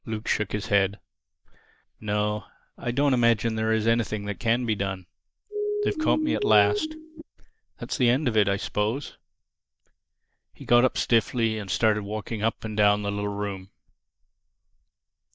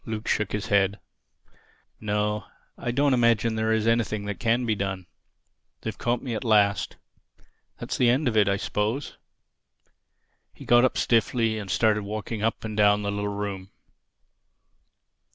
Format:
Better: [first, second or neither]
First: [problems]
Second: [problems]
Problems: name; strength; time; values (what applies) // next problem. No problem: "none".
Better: second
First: noise reduction (neural mask model DeepFilterNet 3)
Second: none